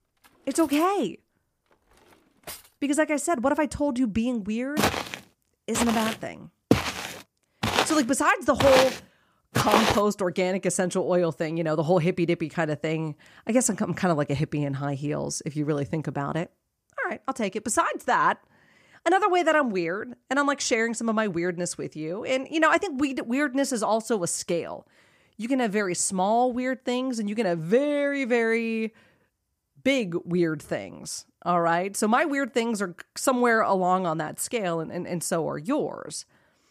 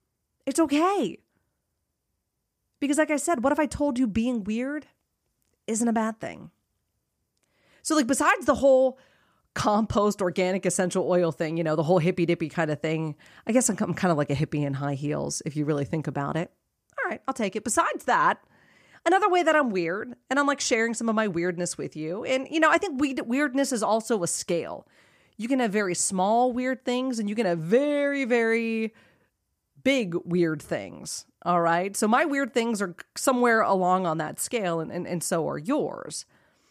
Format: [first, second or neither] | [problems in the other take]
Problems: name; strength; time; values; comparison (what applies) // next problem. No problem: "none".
second | clattering dishes; faint; until 2.5 s; peak 15 dB below the speech // footsteps; loud; from 5 to 10 s; peak 3 dB above the speech